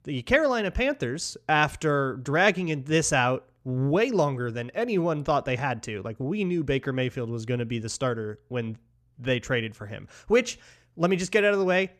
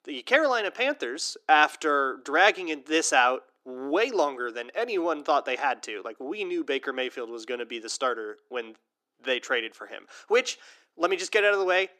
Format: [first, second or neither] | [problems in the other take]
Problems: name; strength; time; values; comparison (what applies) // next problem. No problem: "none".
first | thin; somewhat; fading below 300 Hz